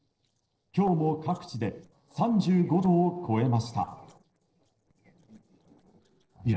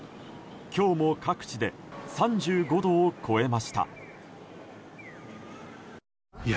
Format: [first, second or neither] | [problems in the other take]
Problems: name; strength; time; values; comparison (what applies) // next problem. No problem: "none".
second | noise reduction (neural separator model SepFormer DNS4)